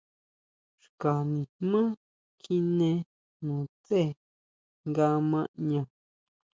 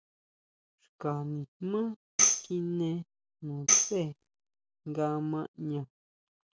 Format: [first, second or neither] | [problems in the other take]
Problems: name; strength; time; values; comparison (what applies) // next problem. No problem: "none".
first | background sound (Tambourine); 4 dB above the speech